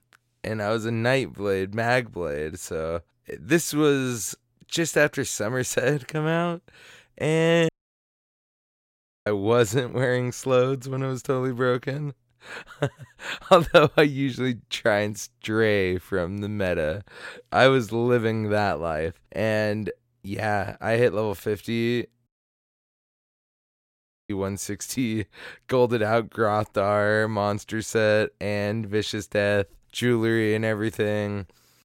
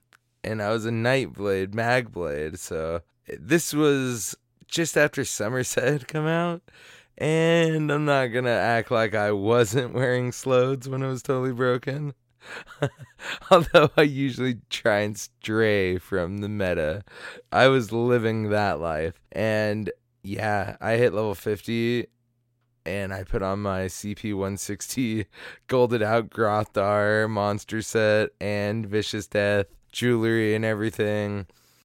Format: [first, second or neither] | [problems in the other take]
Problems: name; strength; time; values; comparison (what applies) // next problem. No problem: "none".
second | audio cutting out; at 7.5 s for 1.5 s and at 22 s for 2 s